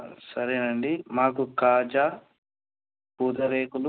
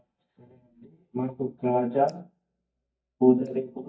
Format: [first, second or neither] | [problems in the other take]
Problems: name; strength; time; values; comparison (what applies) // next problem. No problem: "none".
first | noise reduction (neural mask model DeepFilterNet 3)